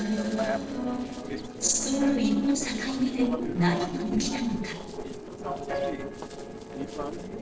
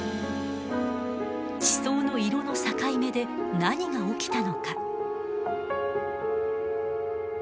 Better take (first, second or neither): second